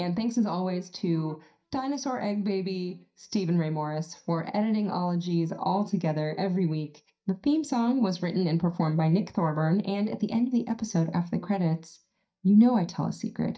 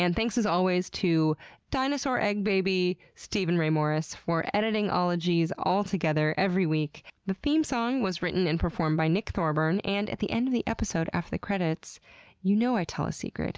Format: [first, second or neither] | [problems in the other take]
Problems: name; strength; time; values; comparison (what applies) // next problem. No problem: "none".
second | noise reduction (neural mask model DeepFilterNet 3)